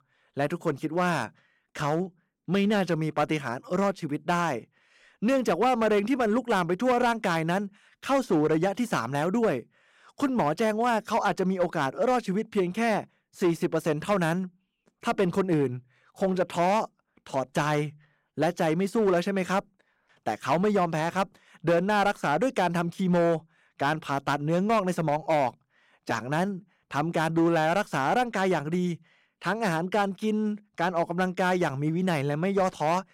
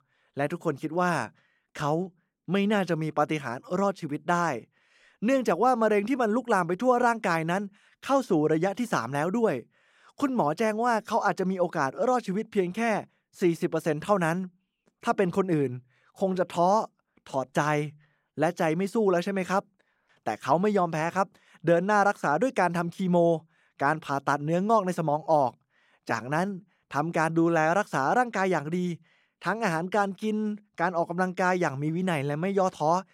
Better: second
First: distortion; slight; 6% of the sound clipped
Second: none

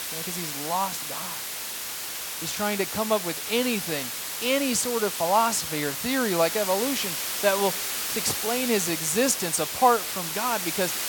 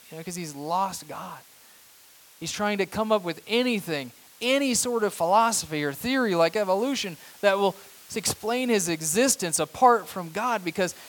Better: second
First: hiss; loud; throughout; 3 dB below the speech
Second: hiss; faint; throughout; 25 dB below the speech

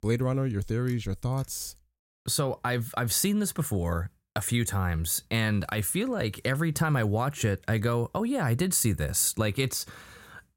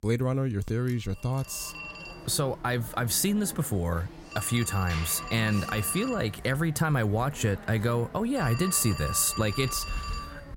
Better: first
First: none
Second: phone ringing; noticeable; from 0.5 s on; peak 7 dB below the speech

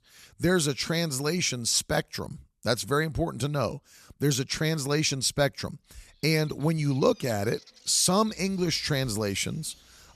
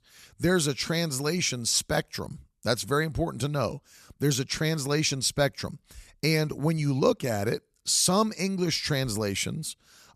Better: second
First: animal sounds; faint; from 6.5 s on; 25 dB below the speech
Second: none

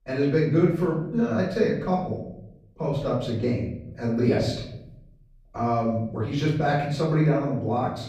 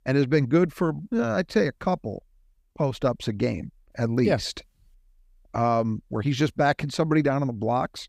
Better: second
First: off-mic speech; far // room echo; noticeable; dies away in 0.9 s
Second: none

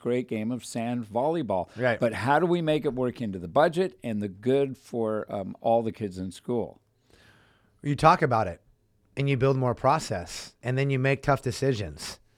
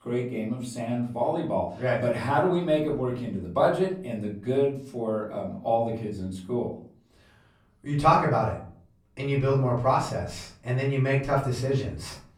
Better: first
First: none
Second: off-mic speech; far // room echo; slight; dies away in 0.4 s

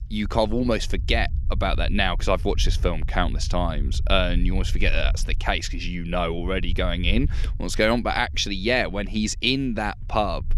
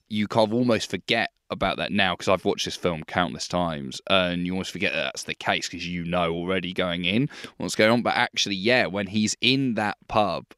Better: second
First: low rumble; faint; throughout; 25 dB below the speech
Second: none

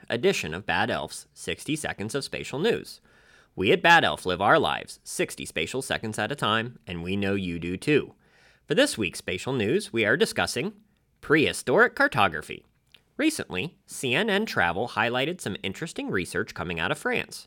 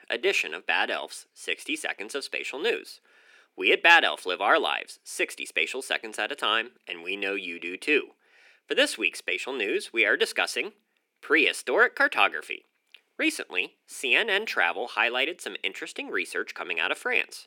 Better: first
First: none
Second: thin; somewhat; fading below 300 Hz

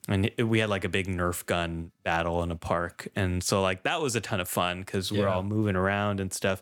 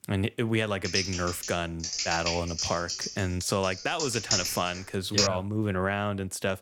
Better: first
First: none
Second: keyboard typing; loud; from 1 to 5.5 s; peak 3 dB above the speech

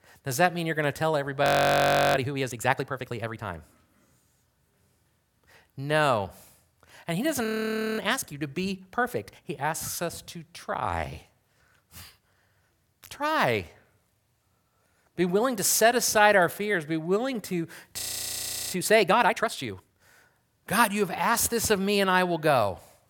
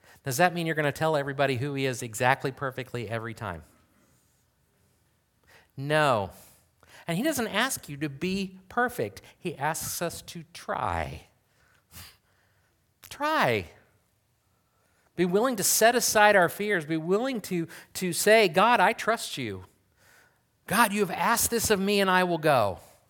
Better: second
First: audio freezing; at 1.5 s for 0.5 s, at 7.5 s for 0.5 s and at 18 s for 0.5 s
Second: none

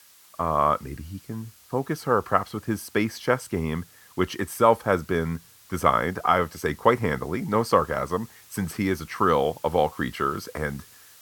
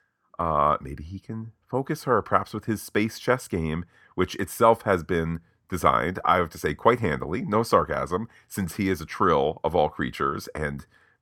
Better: second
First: hiss; faint; throughout; 25 dB below the speech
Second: none

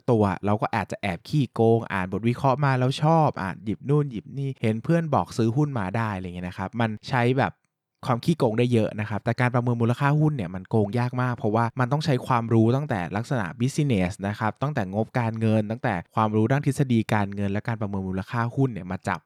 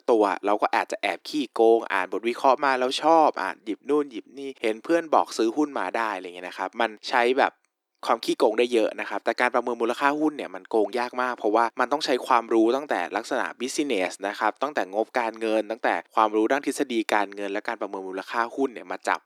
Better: first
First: none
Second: thin; very; fading below 300 Hz

